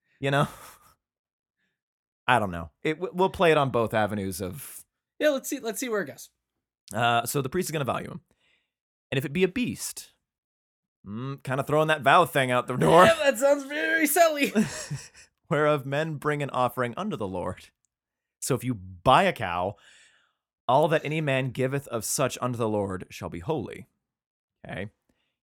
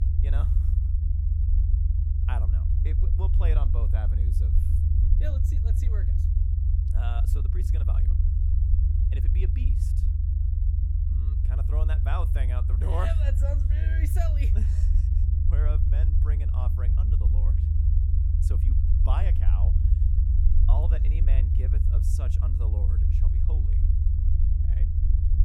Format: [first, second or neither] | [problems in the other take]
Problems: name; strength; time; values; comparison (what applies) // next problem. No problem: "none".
first | low rumble; loud; throughout; 1 dB below the speech